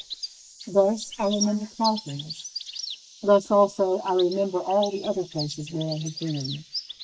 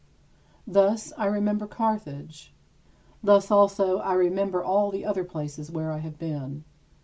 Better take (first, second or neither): second